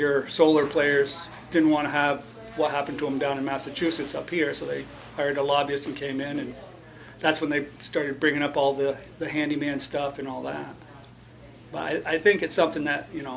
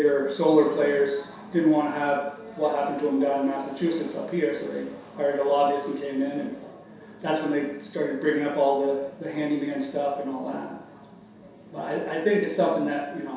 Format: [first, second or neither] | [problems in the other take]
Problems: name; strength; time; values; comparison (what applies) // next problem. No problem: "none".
first | room echo; dies away in 0.7 s